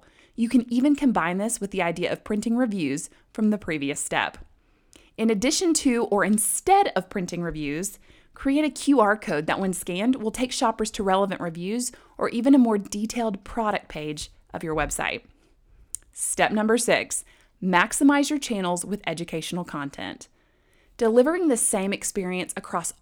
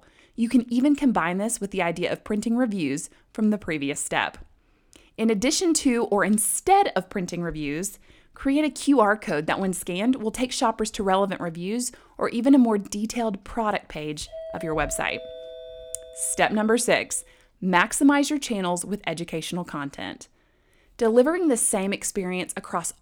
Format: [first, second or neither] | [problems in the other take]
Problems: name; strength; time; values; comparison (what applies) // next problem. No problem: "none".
first | doorbell; faint; from 14 to 17 s; peak 10 dB below the speech